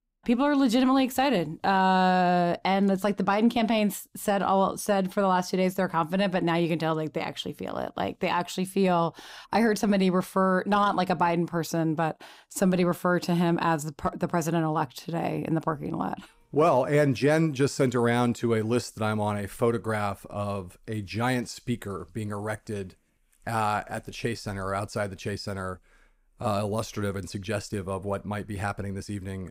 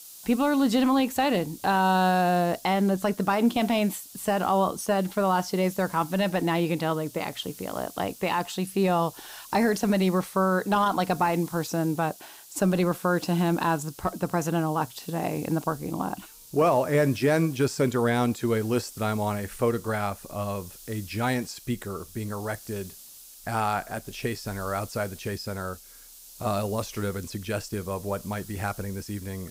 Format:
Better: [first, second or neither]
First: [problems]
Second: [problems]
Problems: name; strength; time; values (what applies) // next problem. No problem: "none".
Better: first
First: none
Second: hiss; noticeable; throughout; 20 dB below the speech